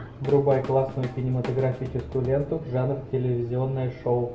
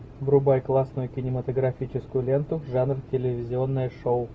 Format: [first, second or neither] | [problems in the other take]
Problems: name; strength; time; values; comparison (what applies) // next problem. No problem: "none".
second | background sound (Drum kit); 16 dB below the speech // room echo; dies away in 0.5 s